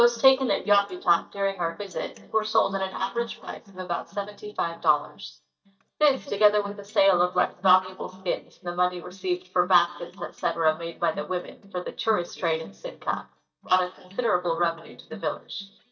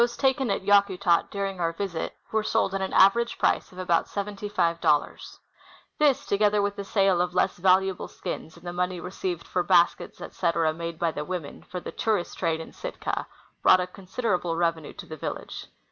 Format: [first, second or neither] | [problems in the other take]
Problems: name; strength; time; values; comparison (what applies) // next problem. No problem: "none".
second | noise reduction (neural mask model DeepFilterNet 3)